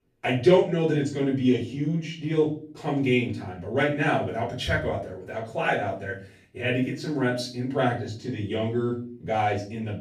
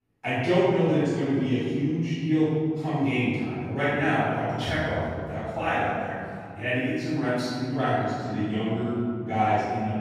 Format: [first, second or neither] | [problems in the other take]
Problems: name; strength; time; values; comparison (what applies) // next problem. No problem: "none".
first | room echo; strong; dies away in 2.7 s; slight in the first // off-mic speech; far; far in the first